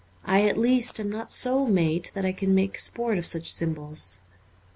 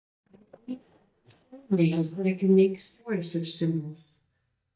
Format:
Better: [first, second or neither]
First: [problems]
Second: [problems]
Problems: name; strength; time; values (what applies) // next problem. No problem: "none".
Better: first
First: none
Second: noise reduction (neural mask model DeepFilterNet 3)